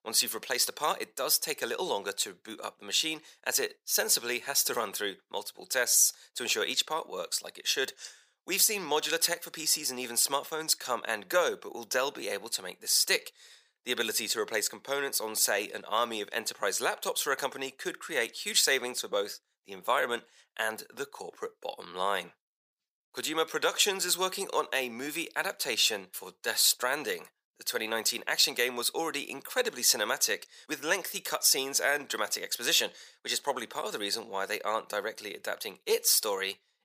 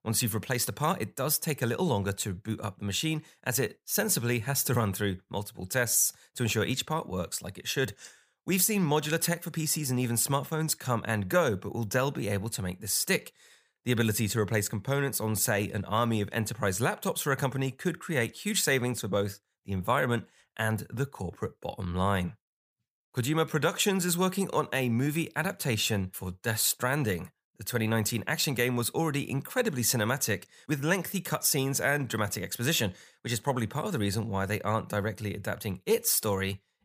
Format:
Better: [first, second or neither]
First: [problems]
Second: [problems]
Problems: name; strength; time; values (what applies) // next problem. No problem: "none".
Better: second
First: thin; very; fading below 400 Hz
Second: none